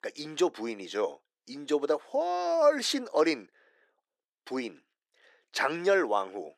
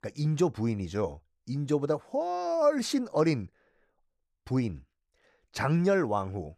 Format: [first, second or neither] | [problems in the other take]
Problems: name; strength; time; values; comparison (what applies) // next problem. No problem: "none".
second | thin; somewhat; fading below 300 Hz